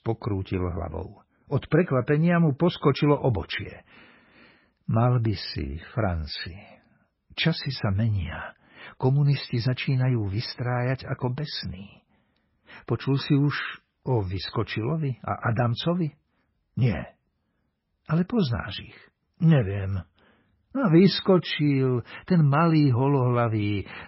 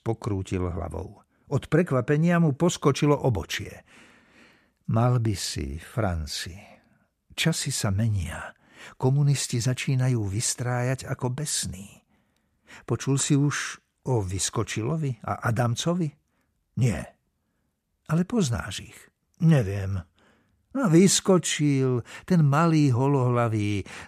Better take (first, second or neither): second